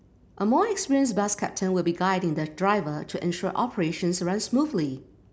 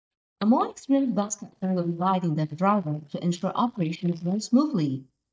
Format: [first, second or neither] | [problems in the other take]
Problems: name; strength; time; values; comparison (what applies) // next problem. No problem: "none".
first | noise reduction (neural mask model DeepFilterNet 3)